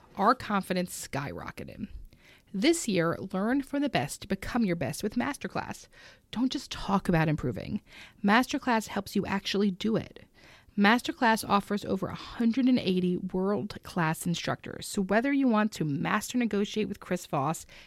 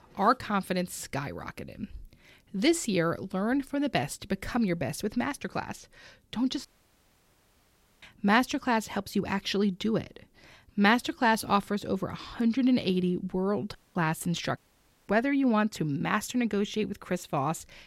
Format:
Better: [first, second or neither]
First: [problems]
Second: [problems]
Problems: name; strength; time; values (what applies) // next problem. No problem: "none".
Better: first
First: none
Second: audio cutting out; at 6.5 s for 1.5 s, at 14 s and at 15 s for 0.5 s